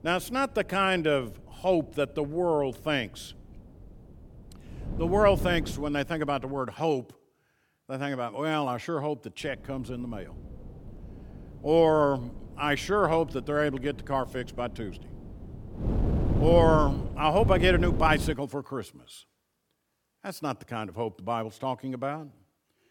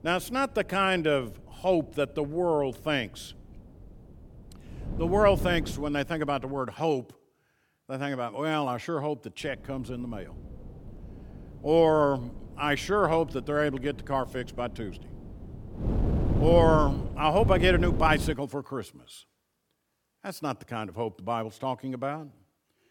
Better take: neither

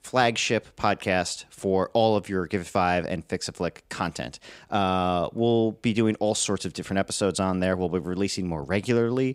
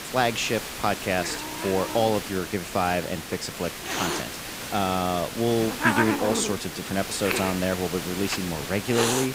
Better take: first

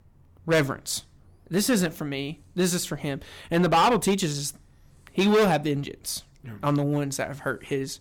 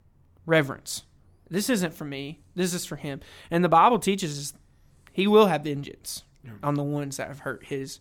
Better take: second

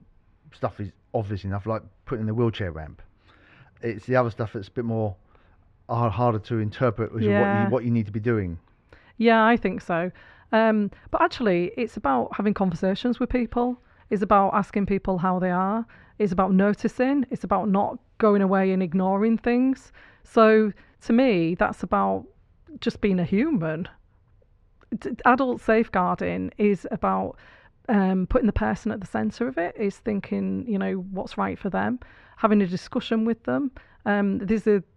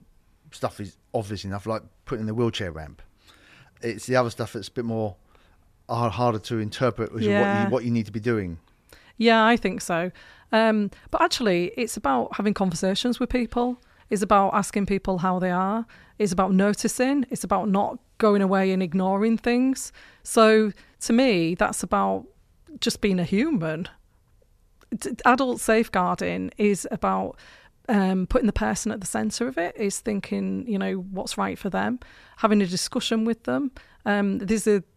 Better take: second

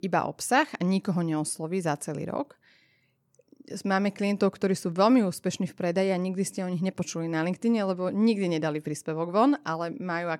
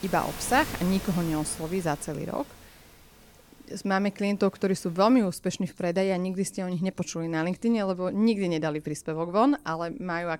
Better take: first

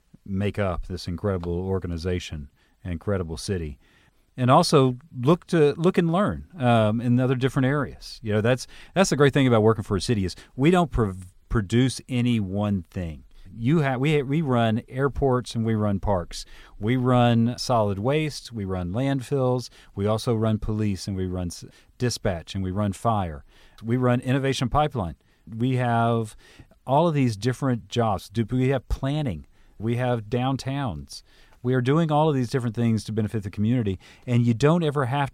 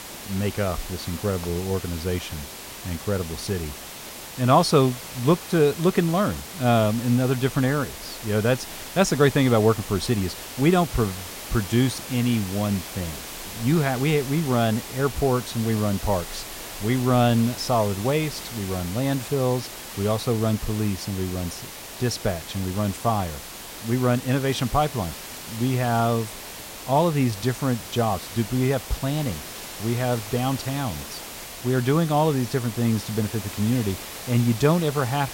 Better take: first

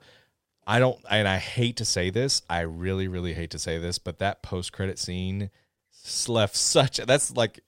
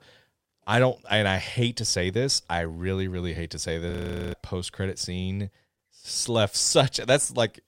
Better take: first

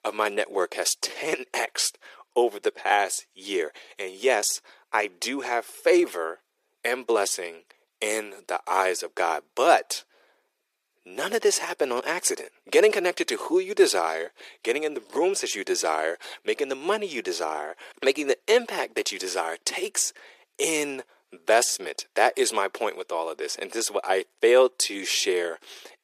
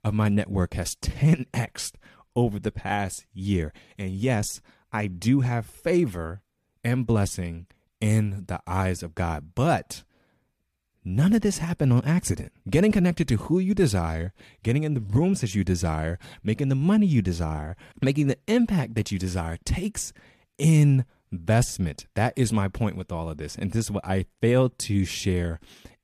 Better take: second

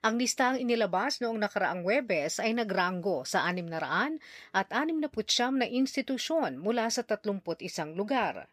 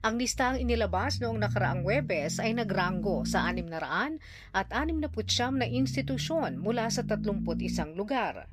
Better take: first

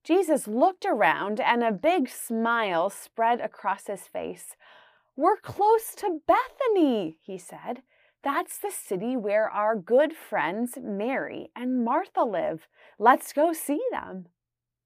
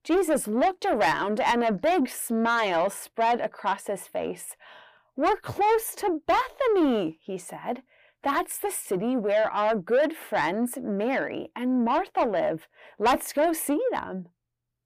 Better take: first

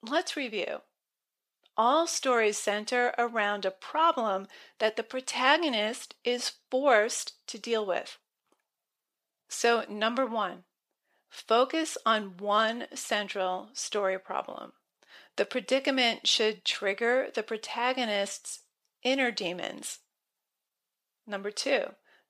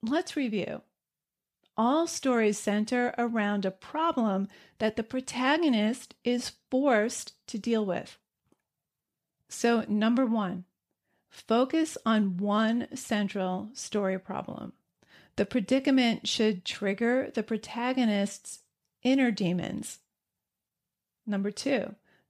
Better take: second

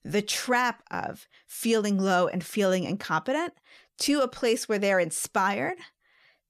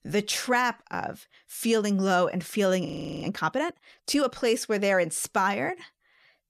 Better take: first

